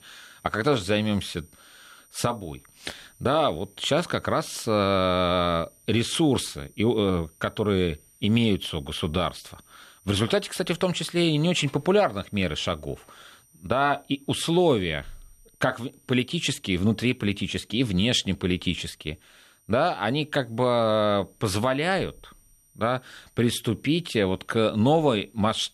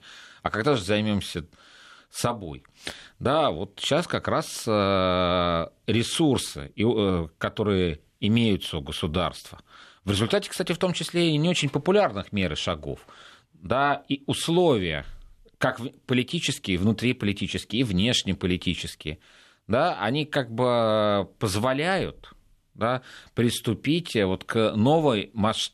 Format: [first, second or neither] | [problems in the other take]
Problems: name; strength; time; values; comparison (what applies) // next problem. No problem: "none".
second | high-pitched whine; faint; throughout; 9 kHz, 30 dB below the speech